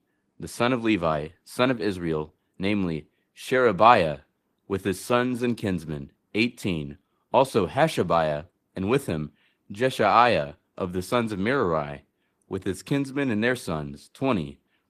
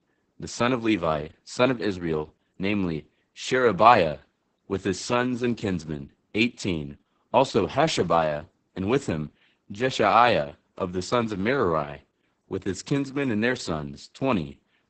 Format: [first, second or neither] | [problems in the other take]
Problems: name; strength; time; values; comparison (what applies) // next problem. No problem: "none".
first | garbled, watery; badly; nothing above 8 kHz; slightly in the first